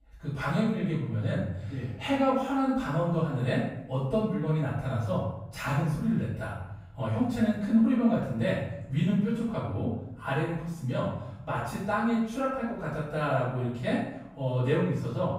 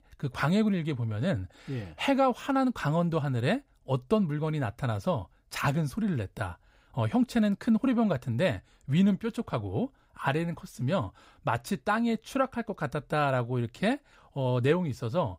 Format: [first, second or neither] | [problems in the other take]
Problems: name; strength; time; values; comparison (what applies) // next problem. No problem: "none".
second | room echo; strong; dies away in 0.8 s // off-mic speech; far